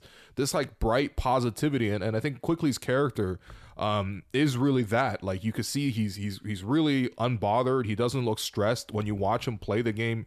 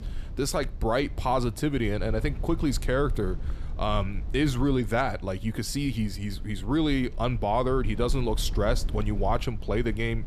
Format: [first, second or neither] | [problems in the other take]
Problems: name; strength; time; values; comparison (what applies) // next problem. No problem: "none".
first | low rumble; faint; throughout; 20 dB below the speech